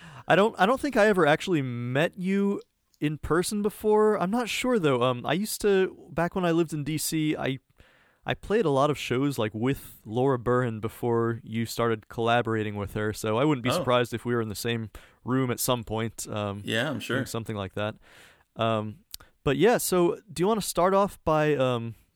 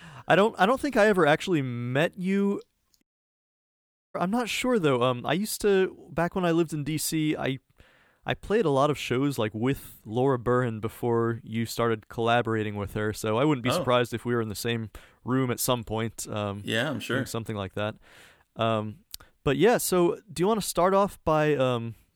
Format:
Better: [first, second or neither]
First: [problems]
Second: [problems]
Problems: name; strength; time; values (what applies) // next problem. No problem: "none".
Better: first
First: none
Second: audio cutting out; at 3 s for 1 s